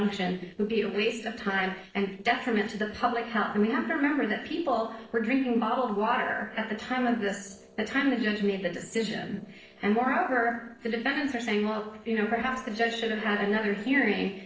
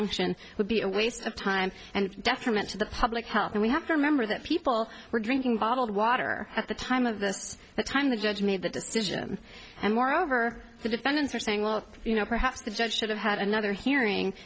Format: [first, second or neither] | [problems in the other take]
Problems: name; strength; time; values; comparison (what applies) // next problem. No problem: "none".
second | noise reduction (neural separator model SepFormer DNS4)